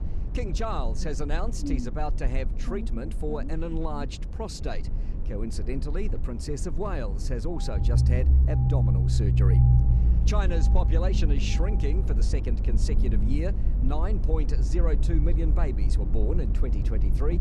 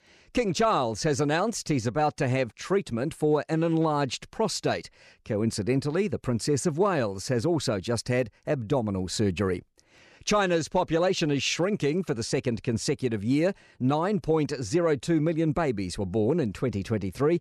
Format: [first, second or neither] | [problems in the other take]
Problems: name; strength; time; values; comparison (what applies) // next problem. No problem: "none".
second | low rumble; loud; throughout; 5 dB below the speech